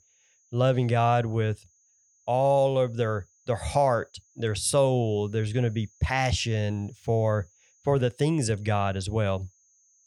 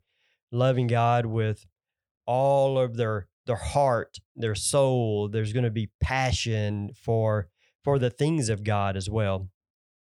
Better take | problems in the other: second | high-pitched whine; faint; throughout; 6.5 kHz, 35 dB below the speech

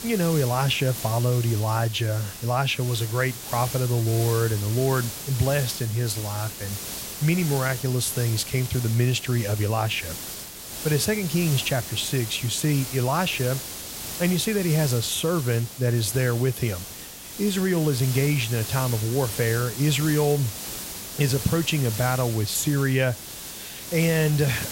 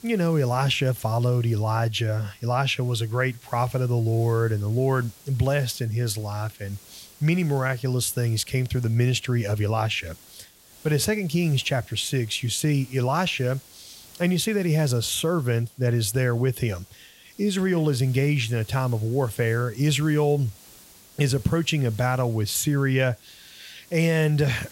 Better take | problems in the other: second | hiss; loud; throughout; 8 dB below the speech; faint in the second

